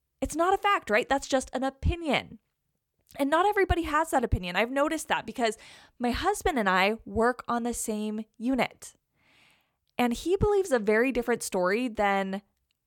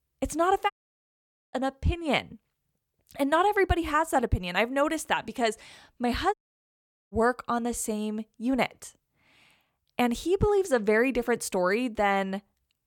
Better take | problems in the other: first | audio cutting out; at 0.5 s for 1 s and at 6.5 s for 1 s

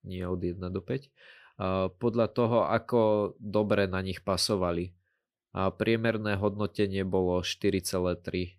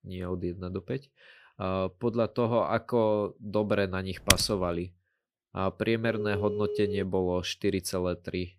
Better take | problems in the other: first | keyboard typing; loud; at 4.5 s; peak 5 dB above the speech // phone ringing; noticeable; from 6 to 7 s; peak 3 dB below the speech

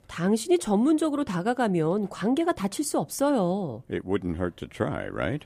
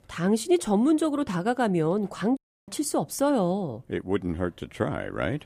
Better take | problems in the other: first | audio cutting out; at 2.5 s

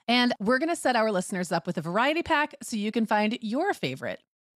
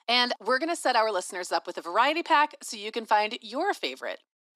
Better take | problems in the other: first | thin; somewhat; fading below 300 Hz

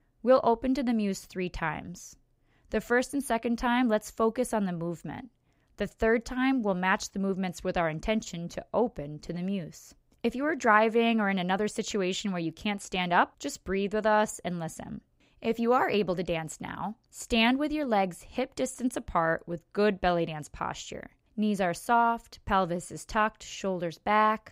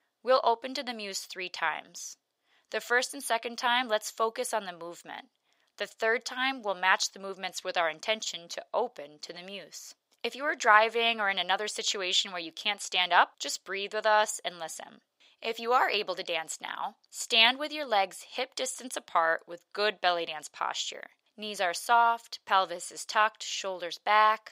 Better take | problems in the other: first | thin; very; fading below 700 Hz

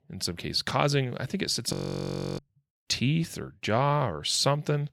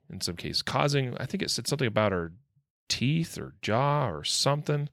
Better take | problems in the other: second | audio freezing; at 1.5 s for 0.5 s

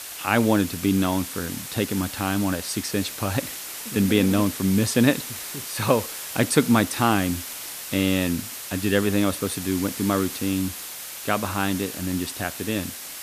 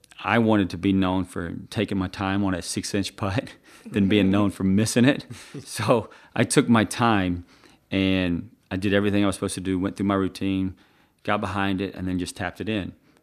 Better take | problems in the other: second | hiss; loud; throughout; 8 dB below the speech

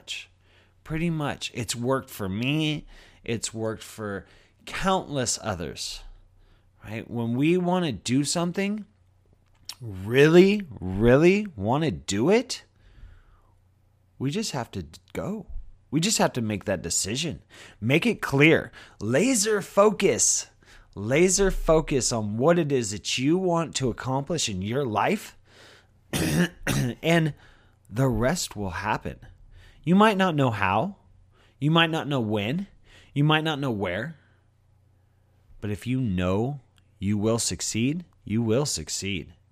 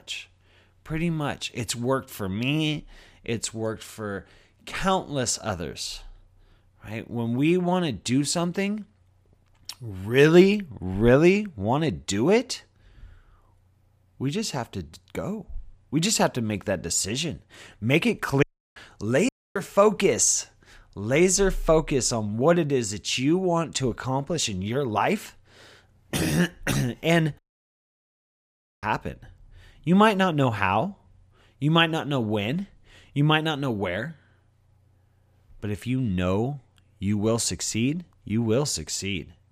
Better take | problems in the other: first | audio cutting out; at 18 s, at 19 s and at 27 s for 1.5 s

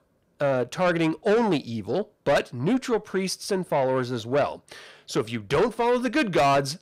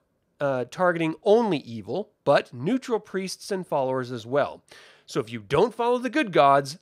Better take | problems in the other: second | distortion; heavy; 8 dB below the speech

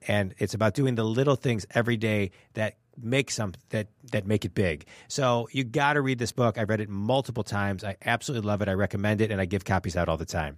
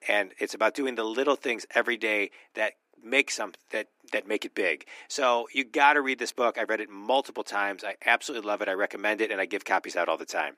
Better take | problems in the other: first | thin; somewhat; fading below 300 Hz

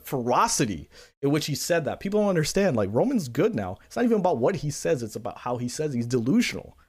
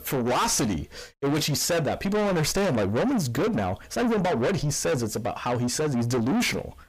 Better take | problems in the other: first | distortion; heavy; 6 dB below the speech

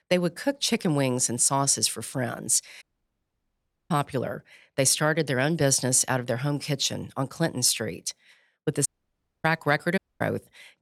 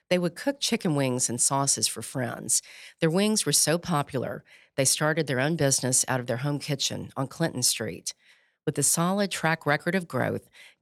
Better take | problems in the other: second | audio cutting out; at 3 s for 1 s, at 9 s for 0.5 s and at 10 s

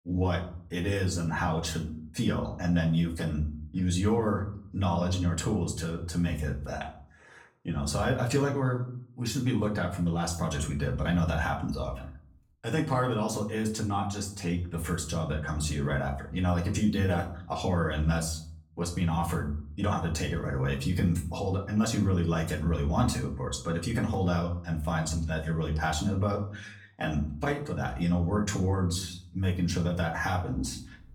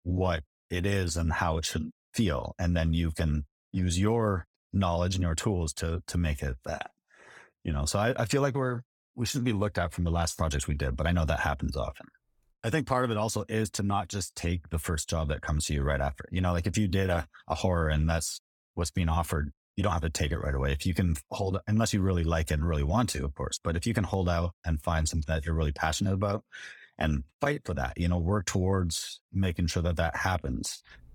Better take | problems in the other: second | room echo; slight; dies away in 0.5 s // off-mic speech; far

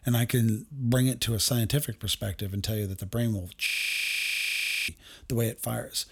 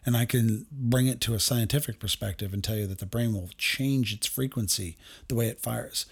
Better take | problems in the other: second | audio freezing; at 3.5 s for 1 s

